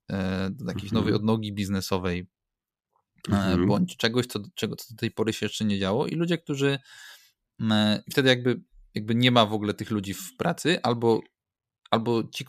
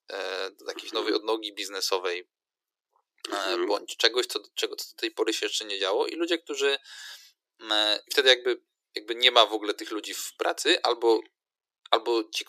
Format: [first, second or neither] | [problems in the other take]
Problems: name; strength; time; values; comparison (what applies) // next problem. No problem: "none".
first | thin; very; fading below 350 Hz